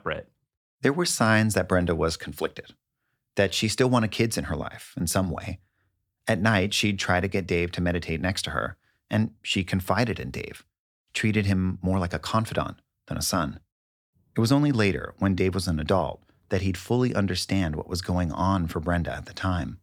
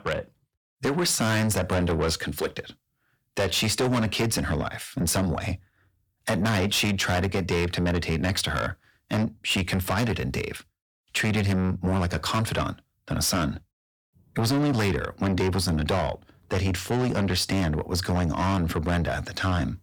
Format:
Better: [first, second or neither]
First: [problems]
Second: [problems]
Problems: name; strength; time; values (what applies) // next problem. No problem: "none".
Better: first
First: none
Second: distortion; heavy; 6 dB below the speech